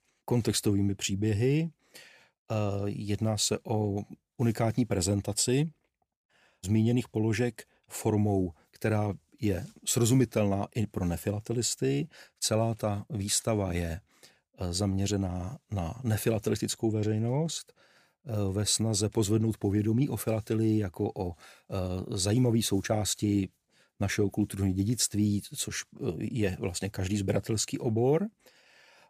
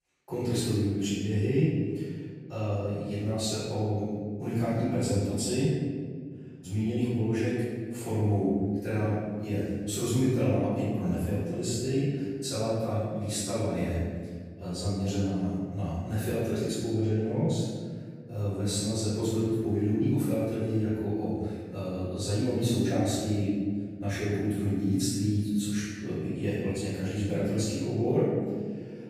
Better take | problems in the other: first | room echo; strong; dies away in 1.8 s // off-mic speech; far

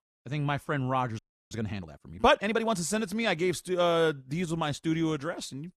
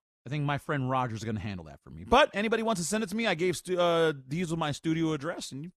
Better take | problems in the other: second | audio freezing; at 1 s

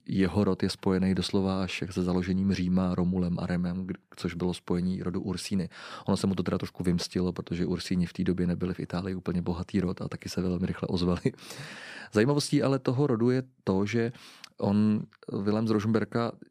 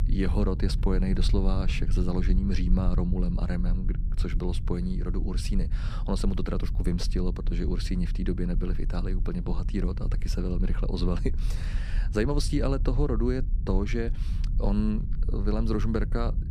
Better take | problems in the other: first | low rumble; noticeable; throughout; 15 dB below the speech

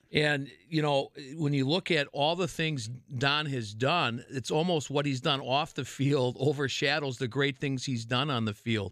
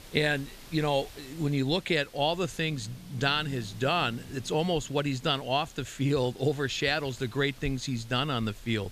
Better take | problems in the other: first | hiss; noticeable; throughout; 20 dB below the speech

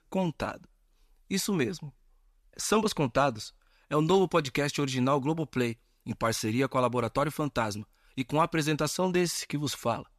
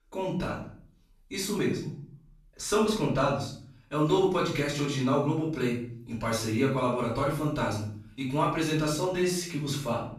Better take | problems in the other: first | off-mic speech; far // room echo; noticeable; dies away in 0.5 s

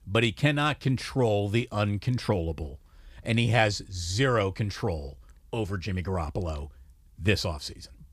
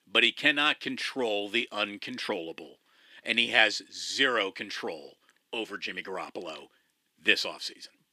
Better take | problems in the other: first | thin; somewhat; fading below 250 Hz

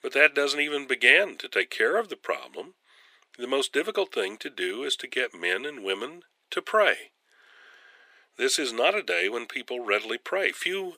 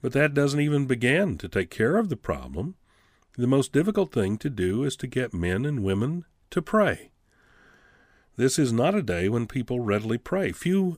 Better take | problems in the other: second | thin; very; fading below 400 Hz

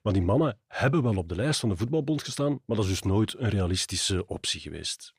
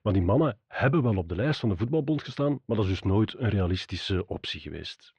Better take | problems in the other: first | muffled; slightly; fading above 3 kHz

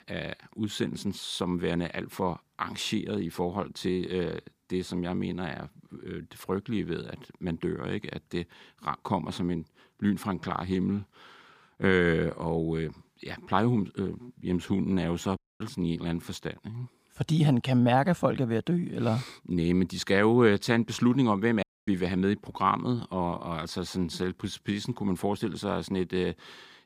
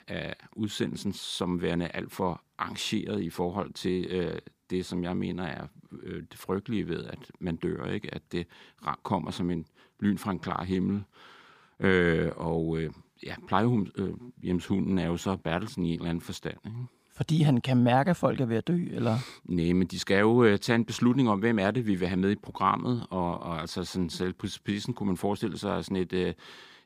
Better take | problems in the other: second | audio cutting out; at 15 s and at 22 s

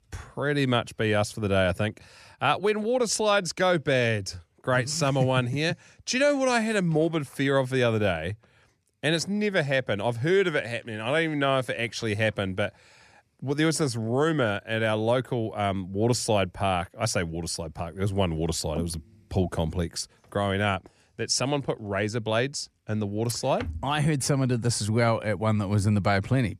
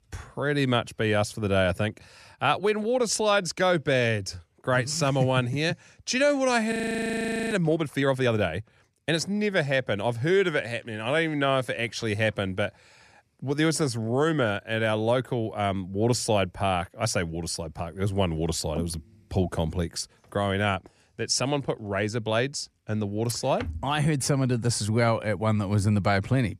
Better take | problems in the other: first | audio freezing; at 6.5 s for 1 s

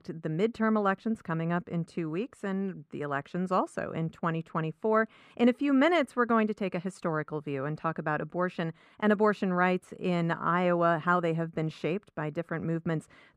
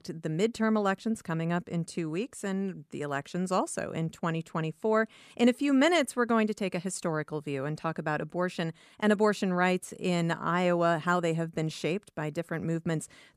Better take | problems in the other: second | muffled; slightly; fading above 4 kHz

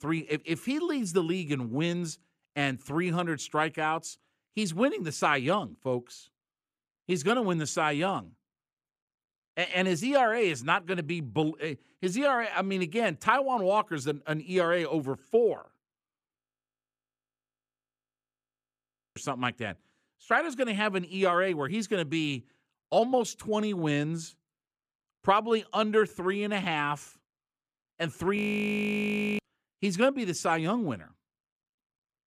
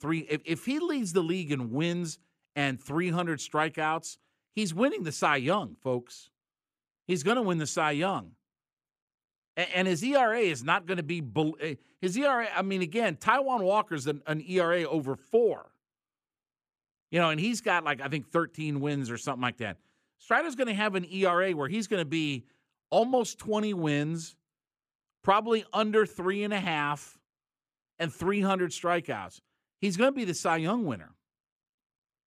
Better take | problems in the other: second | audio freezing; at 16 s for 3 s and at 28 s for 1 s

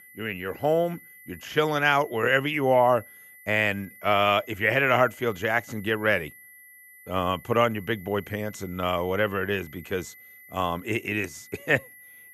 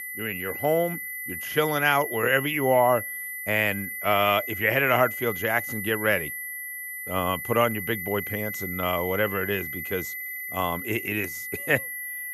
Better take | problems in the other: first | high-pitched whine; loud; throughout; 2 kHz, 6 dB below the speech; faint in the first

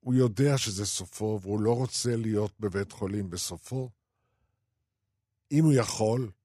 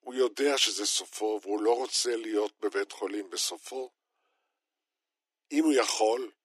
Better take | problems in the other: first | thin; very; fading below 300 Hz

